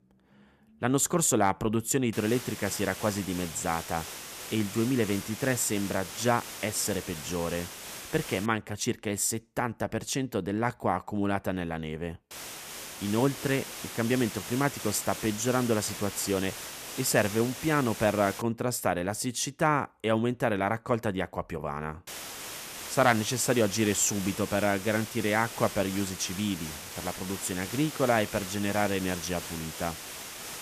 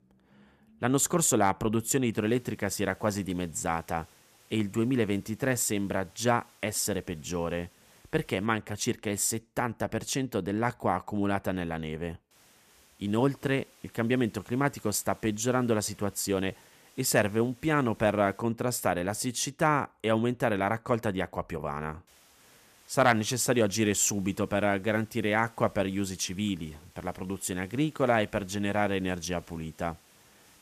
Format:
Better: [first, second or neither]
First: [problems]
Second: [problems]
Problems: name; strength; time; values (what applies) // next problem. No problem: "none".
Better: second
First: hiss; loud; from 2 to 8.5 s, from 12 to 18 s and from 22 s on; 9 dB below the speech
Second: hiss; faint; from 2 to 8.5 s, from 12 to 18 s and from 22 s on; 30 dB below the speech